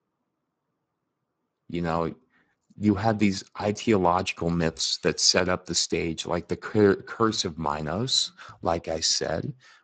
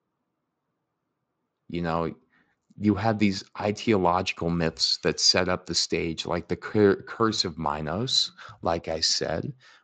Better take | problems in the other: second | garbled, watery; badly; nothing above 7.5 kHz; slightly in the second

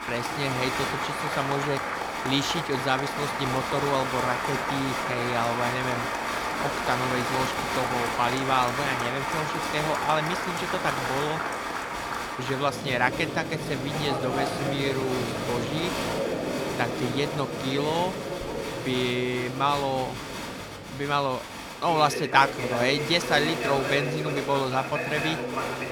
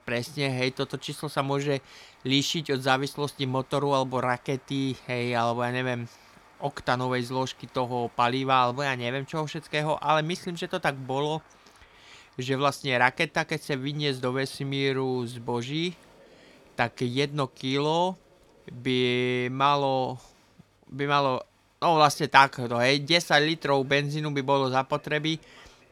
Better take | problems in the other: second | crowd noise; loud; throughout; 2 dB below the speech; faint in the second

